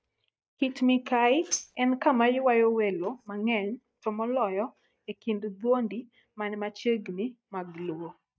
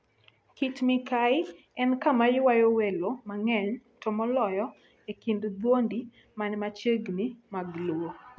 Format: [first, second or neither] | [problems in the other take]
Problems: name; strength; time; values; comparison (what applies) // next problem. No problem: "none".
second | noise reduction (neural mask model DeepFilterNet 3)